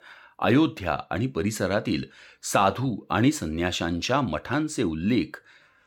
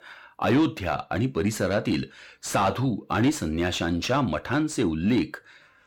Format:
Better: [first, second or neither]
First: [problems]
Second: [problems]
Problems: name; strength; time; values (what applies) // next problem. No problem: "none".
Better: first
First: none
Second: distortion; slight; 10 dB below the speech